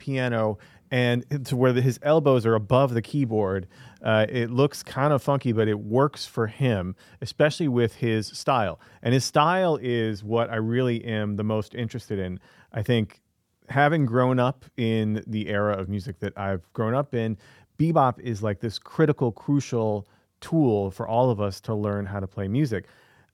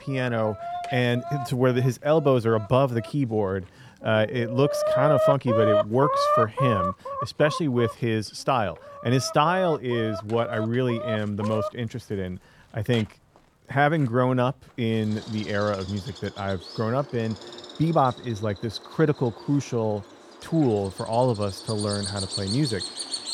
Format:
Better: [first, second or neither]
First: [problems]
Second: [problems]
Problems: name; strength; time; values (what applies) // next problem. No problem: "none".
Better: first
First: none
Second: animal sounds; loud; throughout; 4 dB below the speech